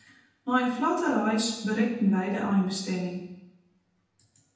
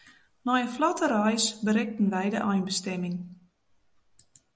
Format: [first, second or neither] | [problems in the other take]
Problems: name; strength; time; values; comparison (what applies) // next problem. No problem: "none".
second | room echo; dies away in 0.8 s